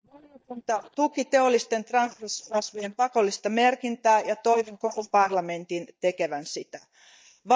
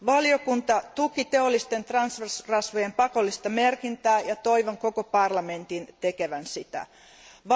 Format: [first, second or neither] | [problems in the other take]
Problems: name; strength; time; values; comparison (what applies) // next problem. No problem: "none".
second | noise reduction (neural mask model DeepFilterNet 3)